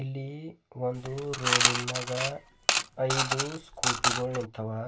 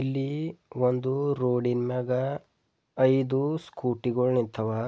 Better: second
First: background sound (Coin (dropping) / Mechanisms); 5 dB above the speech // room echo; dies away in 0.2 s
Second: none

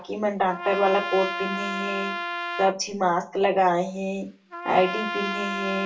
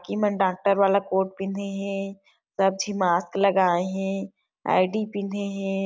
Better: second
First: background sound (Trumpet); 7 dB below the speech // room echo; dies away in 0.2 s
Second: none

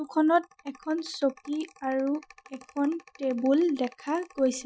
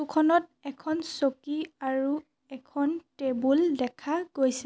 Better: second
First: noise reduction (classical method Wiener filter)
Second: none

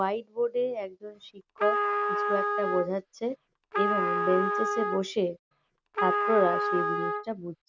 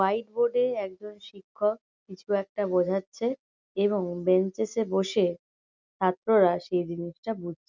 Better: second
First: background sound (Trumpet); 1 dB above the speech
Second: none

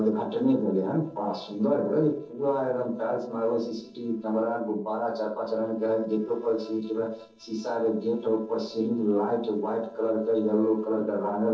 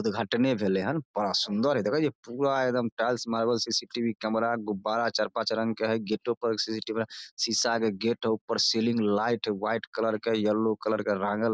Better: second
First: noise reduction (neural separator model SepFormer DNS4)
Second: none

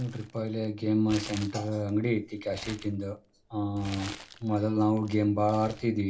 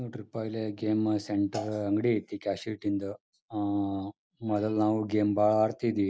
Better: second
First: background sound (Crumpling, crinkling); 18 dB below the speech // room echo; dies away in 0.2 s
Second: none

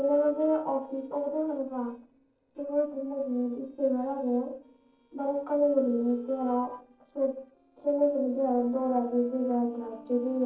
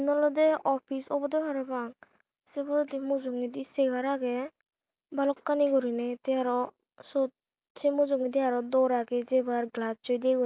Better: second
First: noise reduction (neural separator model SepFormer DNS4)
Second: none

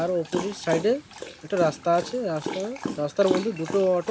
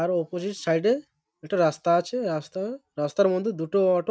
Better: second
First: background sound (Dog); 9 dB below the speech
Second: none

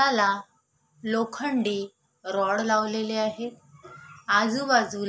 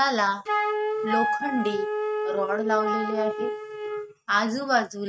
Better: first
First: none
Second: noise reduction (neural mask model RNNoise)

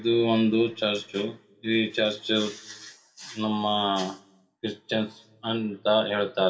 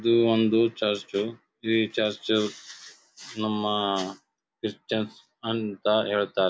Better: second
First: room echo; dies away in 0.5 s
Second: none

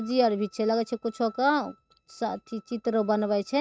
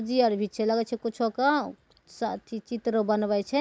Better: second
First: noise reduction (neural mask model RNNoise)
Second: none

